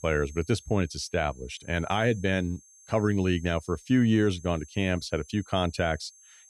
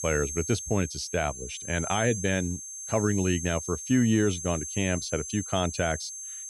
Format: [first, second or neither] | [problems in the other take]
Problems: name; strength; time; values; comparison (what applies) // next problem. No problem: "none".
first | high-pitched whine; loud; throughout; 6.5 kHz, 7 dB below the speech; faint in the first